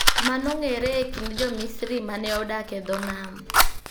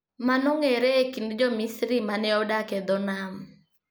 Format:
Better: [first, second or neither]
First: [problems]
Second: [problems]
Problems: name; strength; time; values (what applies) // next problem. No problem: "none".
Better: second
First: background sound (Fire); 2 dB above the speech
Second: none